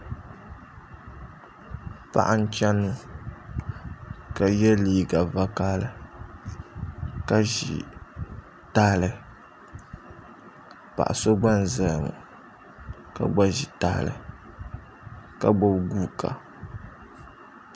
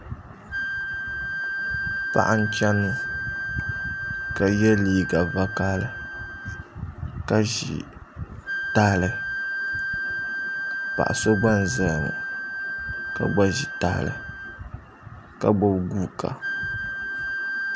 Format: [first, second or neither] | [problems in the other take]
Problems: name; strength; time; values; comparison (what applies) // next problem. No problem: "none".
first | background sound (Wind instrument, woodwind instrument); 5 dB below the speech